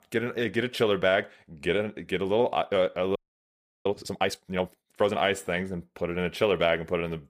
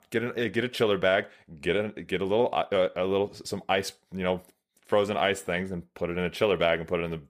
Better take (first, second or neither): second